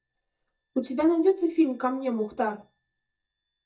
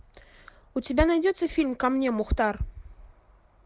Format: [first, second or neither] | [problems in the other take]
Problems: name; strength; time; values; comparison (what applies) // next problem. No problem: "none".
second | noise reduction (neural mask model DeepFilterNet 3)